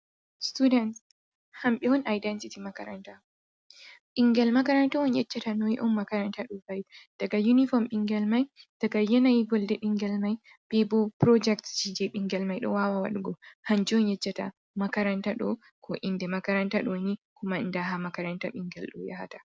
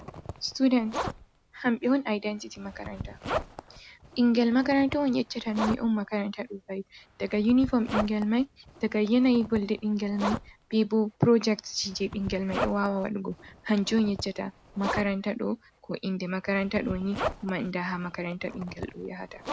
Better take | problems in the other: first | background sound (Zipper (clothing)); 11 dB below the speech

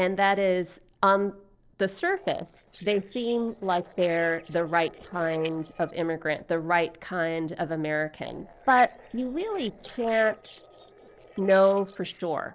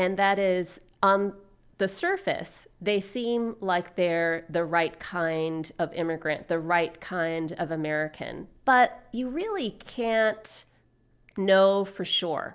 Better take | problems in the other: second | noise reduction (neural separator model SepFormer DNS4)

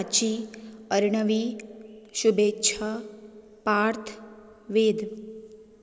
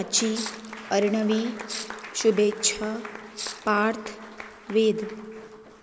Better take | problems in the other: first | background sound (Rattle (instrument) + Applause / Crowd); 13 dB below the speech

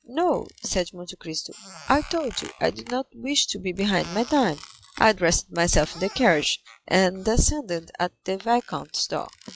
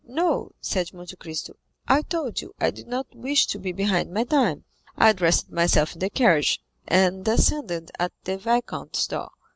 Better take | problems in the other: second | noise reduction (classical method log-MMSE)

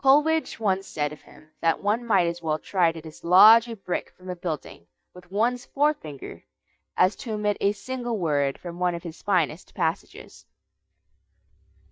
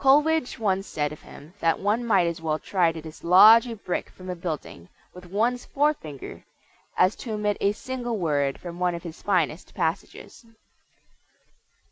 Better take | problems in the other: second | noise reduction (neural mask model DeepFilterNet 3)

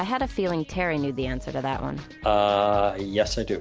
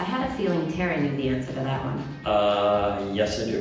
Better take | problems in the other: first | room echo; dies away in 0.9 s

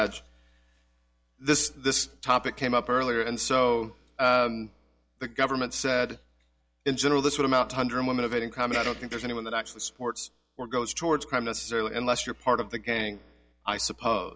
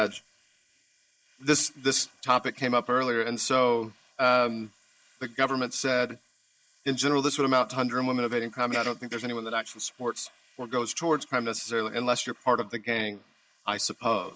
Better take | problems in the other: first | noise reduction (neural mask model Resemble Enhance denoiser)

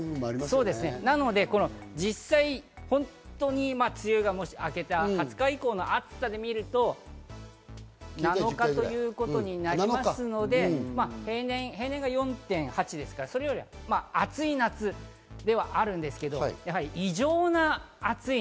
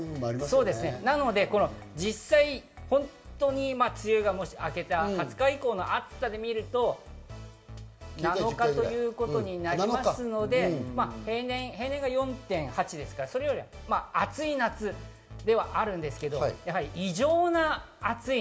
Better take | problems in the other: first | room echo; dies away in 0.4 s

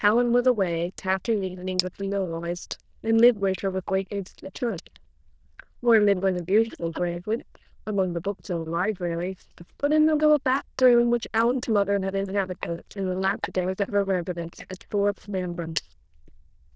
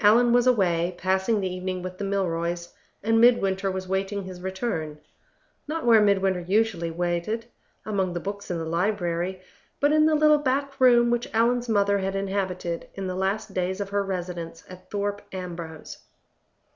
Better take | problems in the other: second | noise reduction (neural diffusion model UNIVERSE++)

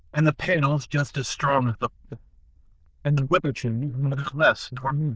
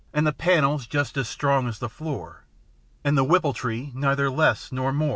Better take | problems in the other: second | noise reduction (neural diffusion model UNIVERSE++)

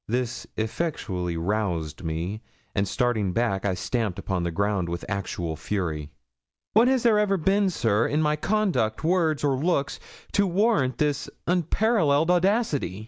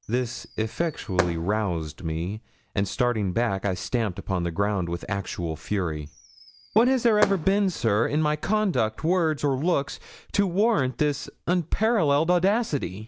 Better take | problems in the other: first | background sound (Fireworks); 11 dB below the speech

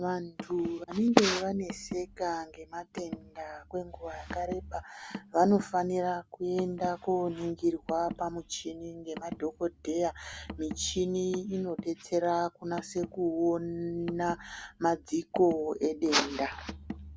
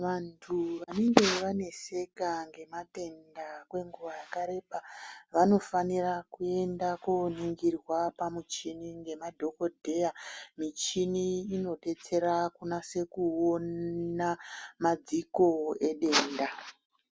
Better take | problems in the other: second | background sound (Car); 15 dB below the speech

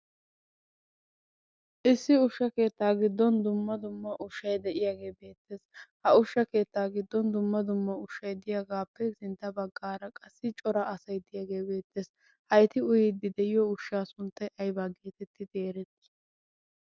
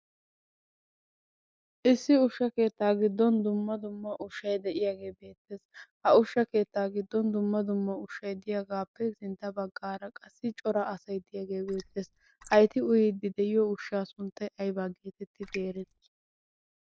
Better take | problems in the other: first | noise reduction (neural mask model Resemble Enhance denoiser)

